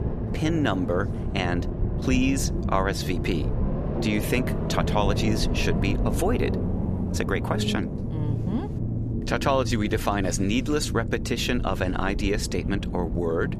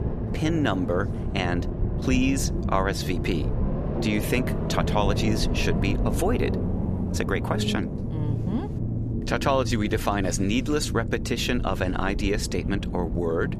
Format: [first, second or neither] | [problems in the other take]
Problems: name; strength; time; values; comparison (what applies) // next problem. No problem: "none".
neither | low rumble; loud; throughout; 8 dB below the speech; the same in both